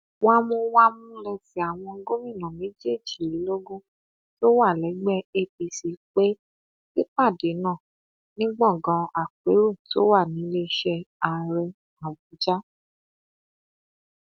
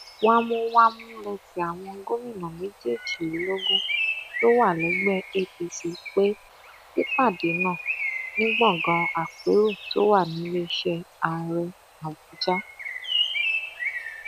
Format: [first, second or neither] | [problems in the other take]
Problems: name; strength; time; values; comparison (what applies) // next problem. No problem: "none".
first | background sound (Bird); 6 dB below the speech